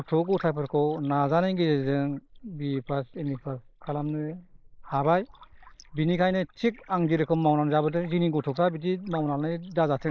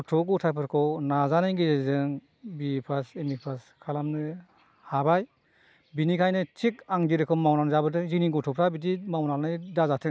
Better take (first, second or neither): second